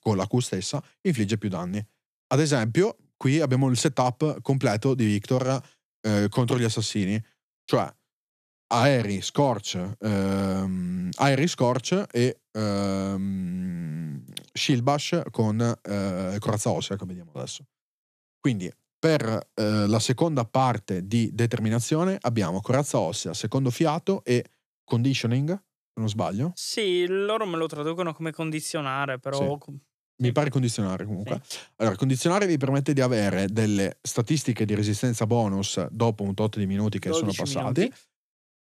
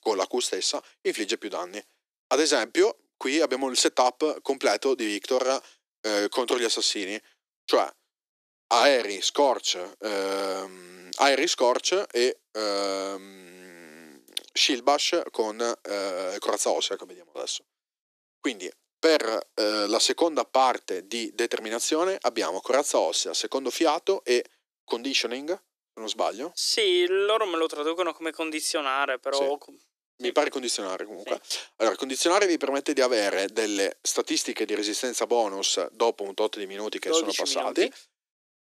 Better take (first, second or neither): first